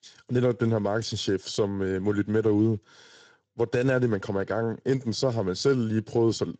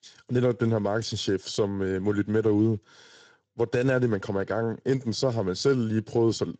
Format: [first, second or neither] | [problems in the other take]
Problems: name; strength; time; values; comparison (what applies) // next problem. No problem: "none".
neither | garbled, watery; slightly; nothing above 7.5 kHz; the same in both